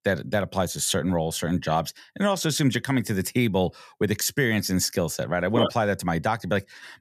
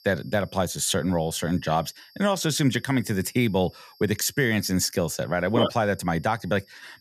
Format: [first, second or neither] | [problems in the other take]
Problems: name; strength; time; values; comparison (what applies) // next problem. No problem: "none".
first | high-pitched whine; faint; throughout; 5 kHz, 30 dB below the speech